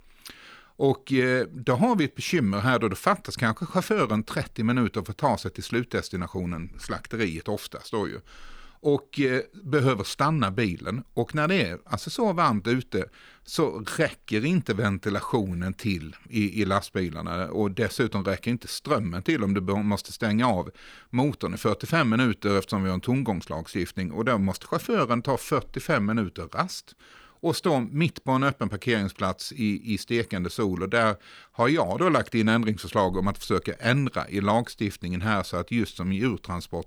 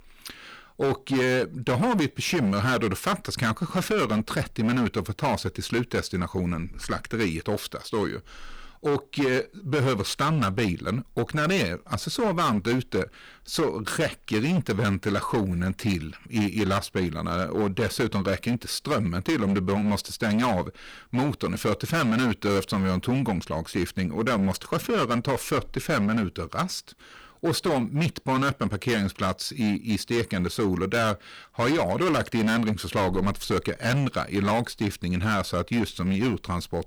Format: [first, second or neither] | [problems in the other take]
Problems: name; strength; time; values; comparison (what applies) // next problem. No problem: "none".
first | distortion; heavy; 15% of the sound clipped